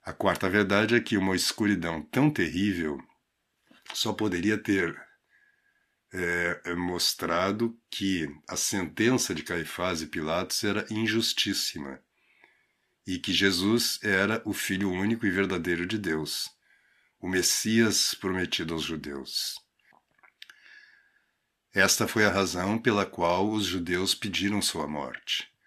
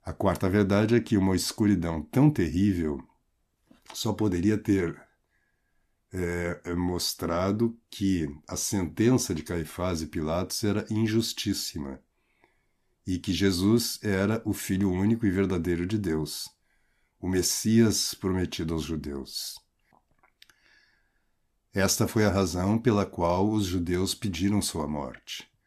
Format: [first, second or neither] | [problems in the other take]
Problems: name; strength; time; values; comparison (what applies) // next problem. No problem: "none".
second | thin; very slightly; fading below 500 Hz